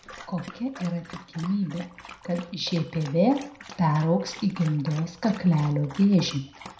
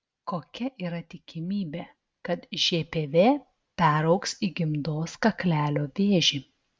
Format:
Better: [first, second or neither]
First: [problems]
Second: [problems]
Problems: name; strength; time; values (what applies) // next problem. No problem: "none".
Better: second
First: background sound (Dog); 18 dB below the speech // room echo; dies away in 0.4 s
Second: none